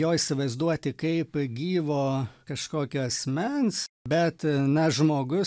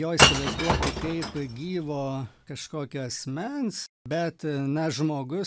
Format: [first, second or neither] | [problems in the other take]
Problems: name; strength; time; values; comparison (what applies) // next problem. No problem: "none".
first | background sound (Shatter / Crushing); 3 dB above the speech